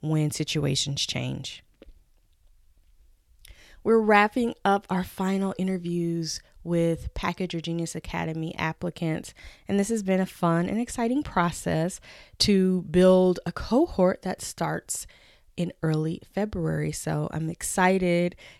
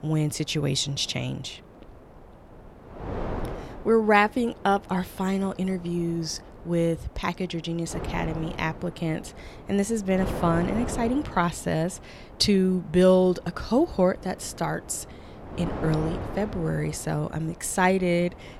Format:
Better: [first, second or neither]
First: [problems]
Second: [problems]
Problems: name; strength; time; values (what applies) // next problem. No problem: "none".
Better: first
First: none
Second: wind noise on the microphone; occasional gusts; 15 dB below the speech